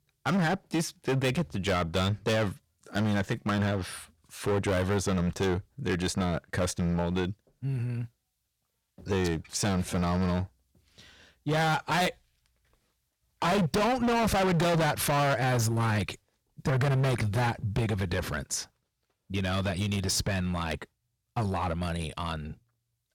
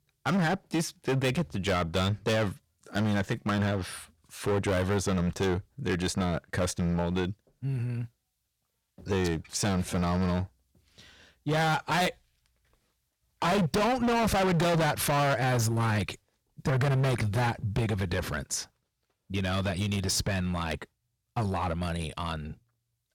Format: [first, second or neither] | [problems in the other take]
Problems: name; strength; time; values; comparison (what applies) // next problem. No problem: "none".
neither | distortion; heavy; 16% of the sound clipped; the same in both